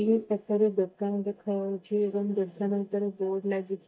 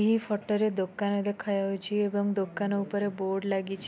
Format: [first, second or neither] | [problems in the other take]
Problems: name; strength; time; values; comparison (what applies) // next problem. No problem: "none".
second | noise reduction (neural mask model DeepFilterNet 3)